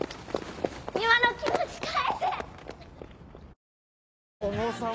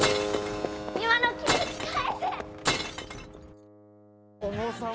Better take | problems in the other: first | background sound (Glass + Keyboard (musical)); 1 dB below the speech

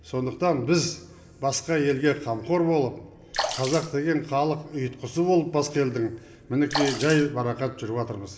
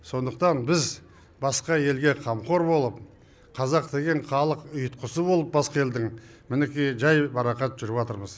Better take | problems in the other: second | background sound (Sink (filling or washing) / Water / Splash, splatter); 5 dB below the speech // room echo; dies away in 2.5 s

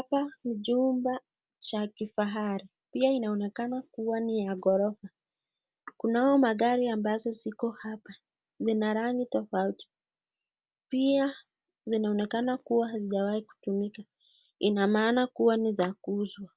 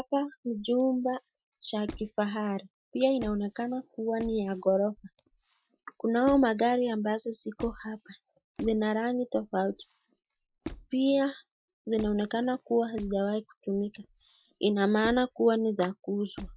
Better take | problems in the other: first | noise reduction (classical method Wiener filter)

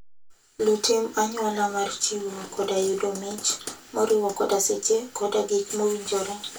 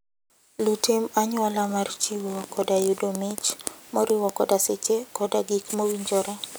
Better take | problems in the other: second | room echo; dies away in 0.1 s

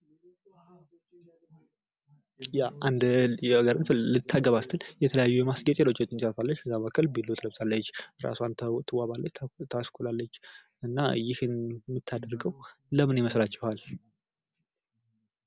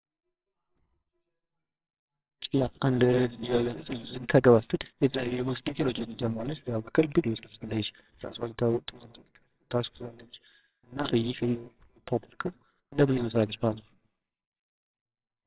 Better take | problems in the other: first | noise reduction (neural separator model SepFormer WHAMR!)

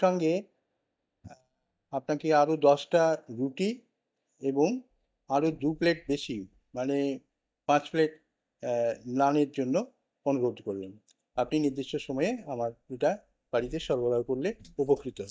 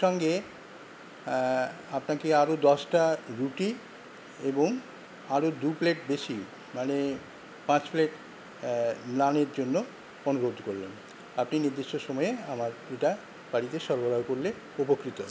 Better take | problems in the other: second | noise reduction (neural mask model DeepFilterNet 3)

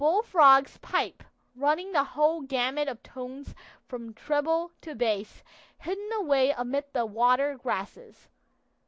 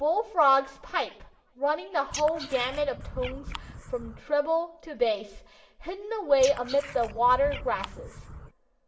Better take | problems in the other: first | background sound (Frog); 12 dB below the speech // room echo; dies away in 0.7 s

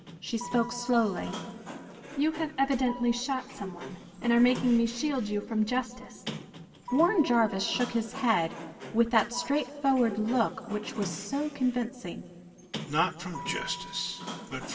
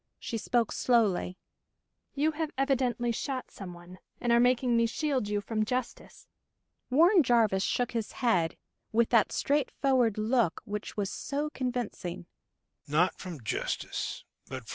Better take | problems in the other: second | background sound (Sliding door); 13 dB below the speech // room echo; dies away in 2.7 s

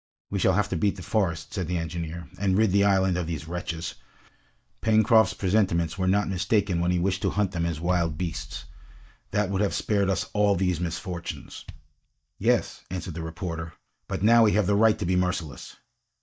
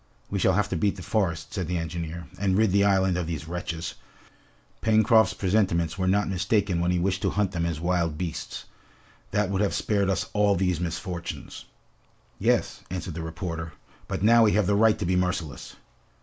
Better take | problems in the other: second | noise reduction (neural mask model DeepFilterNet 3)

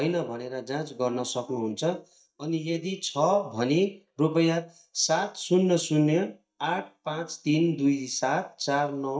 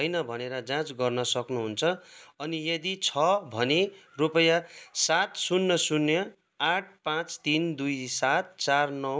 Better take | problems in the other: second | noise reduction (neural mask model DeepFilterNet 3)

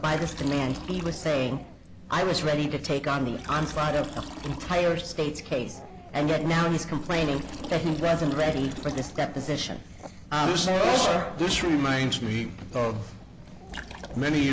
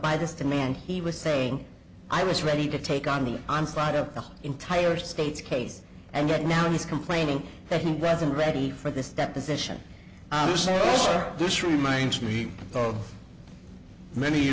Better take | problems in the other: second | background sound (Dog + Liquid); 14 dB below the speech

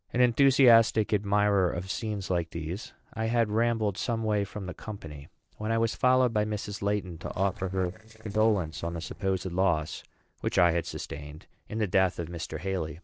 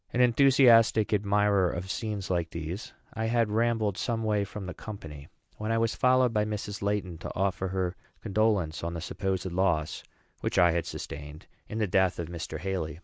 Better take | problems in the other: second | noise reduction (neural separator model SepFormer DNS4)

